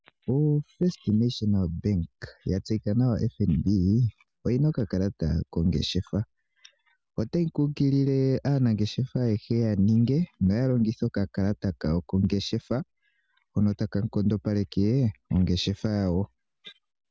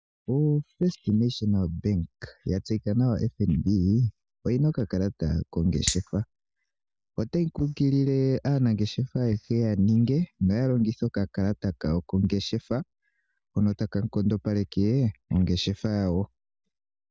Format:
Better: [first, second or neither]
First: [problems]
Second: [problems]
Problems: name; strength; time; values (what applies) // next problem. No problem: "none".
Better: first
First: none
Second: noise reduction (neural mask model DeepFilterNet 3)